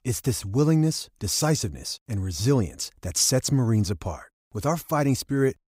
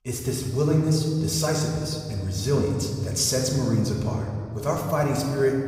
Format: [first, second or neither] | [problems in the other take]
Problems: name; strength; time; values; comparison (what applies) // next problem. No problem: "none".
first | room echo; noticeable; dies away in 1.9 s // off-mic speech; somewhat distant